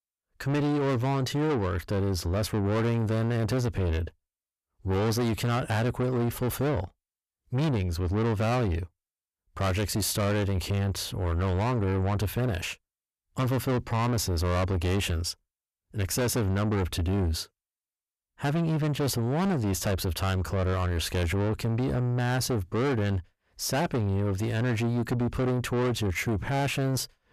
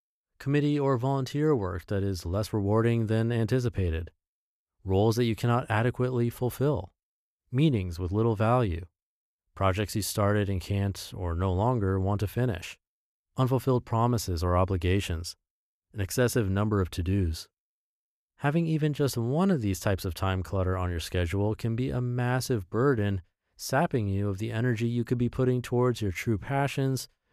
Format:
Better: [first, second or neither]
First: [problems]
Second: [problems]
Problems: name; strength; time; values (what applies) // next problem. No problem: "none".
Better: second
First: distortion; heavy; 7 dB below the speech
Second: none